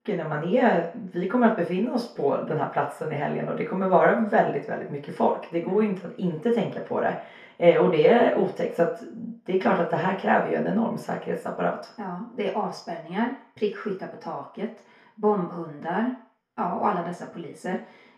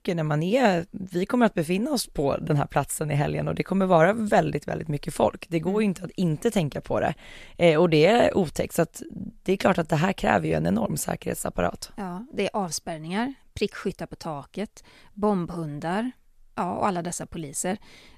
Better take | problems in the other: second | room echo; slight; dies away in 0.5 s // off-mic speech; far

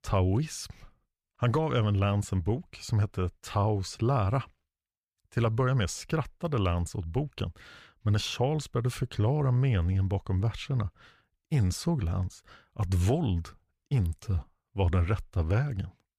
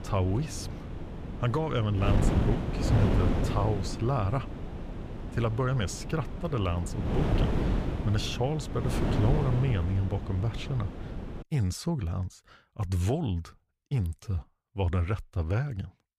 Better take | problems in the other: first | wind noise on the microphone; heavy; until 11 s; 3 dB below the speech

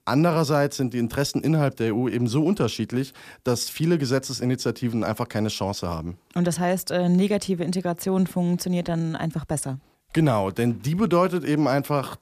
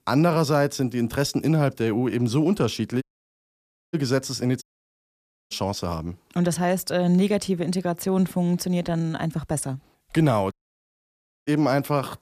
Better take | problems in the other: first | audio cutting out; at 3 s for 1 s, at 4.5 s for 1 s and at 11 s for 1 s

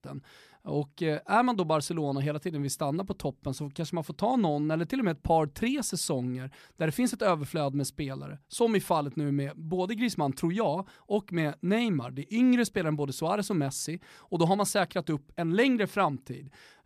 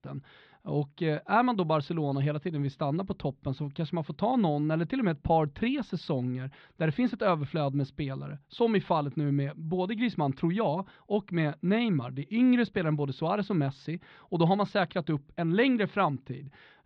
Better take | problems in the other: first | muffled; slightly; fading above 4 kHz

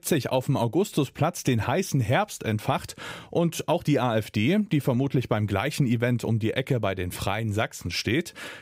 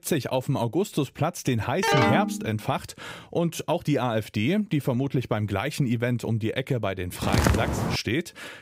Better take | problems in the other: first | phone ringing; loud; at 2 s; peak 5 dB above the speech // footsteps; loud; at 7 s; peak 4 dB above the speech

